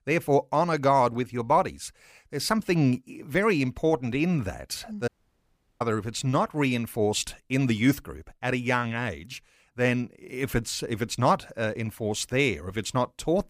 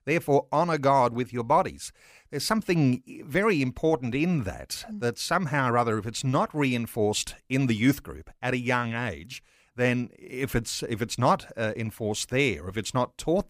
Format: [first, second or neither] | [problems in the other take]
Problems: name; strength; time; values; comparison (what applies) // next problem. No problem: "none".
second | audio cutting out; at 5 s for 0.5 s